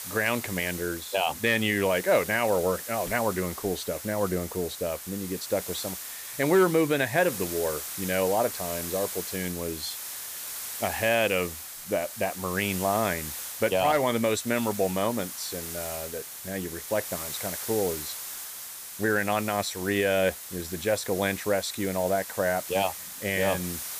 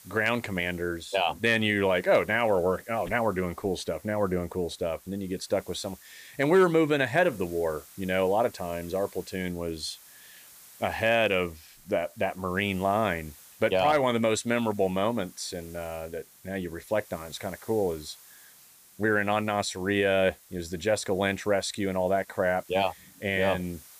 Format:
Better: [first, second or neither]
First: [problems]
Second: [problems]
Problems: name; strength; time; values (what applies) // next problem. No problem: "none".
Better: second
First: hiss; loud; throughout; 8 dB below the speech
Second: hiss; faint; throughout; 25 dB below the speech